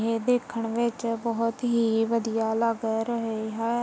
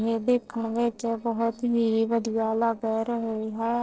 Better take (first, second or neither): first